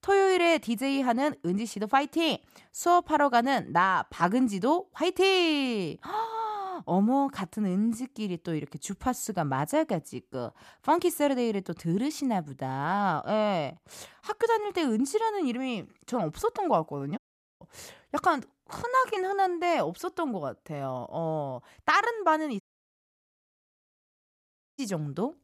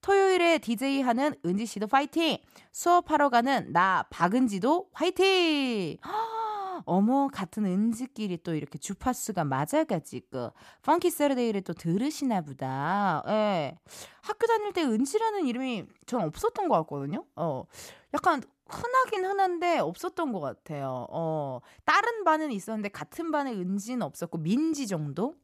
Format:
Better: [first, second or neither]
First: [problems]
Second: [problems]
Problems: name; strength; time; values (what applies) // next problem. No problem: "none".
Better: second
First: audio cutting out; at 17 s and at 23 s for 2 s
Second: none